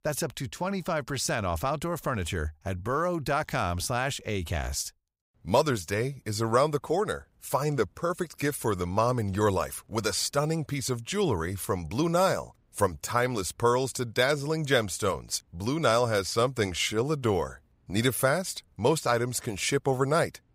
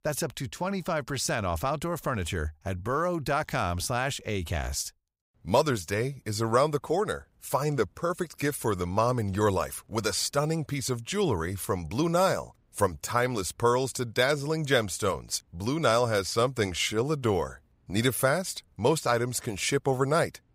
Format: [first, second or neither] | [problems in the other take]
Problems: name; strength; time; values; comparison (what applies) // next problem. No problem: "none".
neither | none